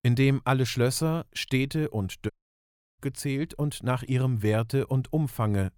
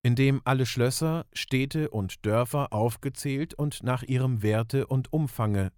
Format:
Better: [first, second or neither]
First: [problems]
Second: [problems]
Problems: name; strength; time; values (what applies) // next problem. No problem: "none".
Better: second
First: audio cutting out; at 2.5 s for 0.5 s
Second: none